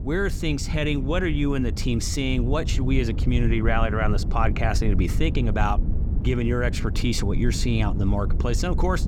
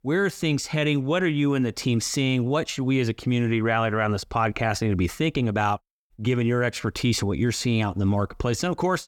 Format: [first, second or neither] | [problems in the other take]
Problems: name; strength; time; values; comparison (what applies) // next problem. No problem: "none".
second | wind noise on the microphone; occasional gusts; 15 dB below the speech